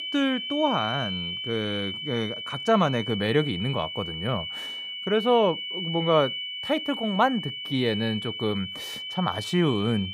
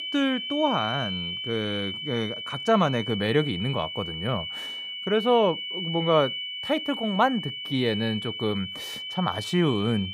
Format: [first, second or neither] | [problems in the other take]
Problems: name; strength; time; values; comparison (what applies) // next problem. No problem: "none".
neither | high-pitched whine; loud; throughout; 3 kHz, 5 dB below the speech; the same in both